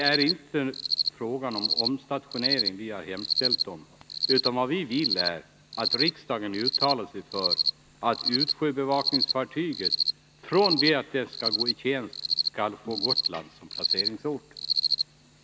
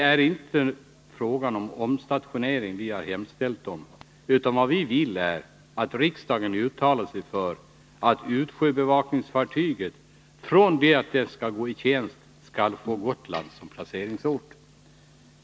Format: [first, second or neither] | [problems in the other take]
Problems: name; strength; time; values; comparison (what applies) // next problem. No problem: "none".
second | background sound (Cricket); as loud as the speech